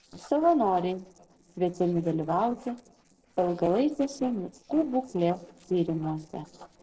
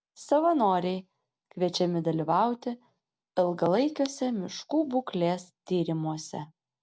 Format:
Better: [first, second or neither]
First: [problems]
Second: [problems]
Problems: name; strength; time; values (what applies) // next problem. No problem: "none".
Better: second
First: noise reduction (neural separator model SepFormer DNS4)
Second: none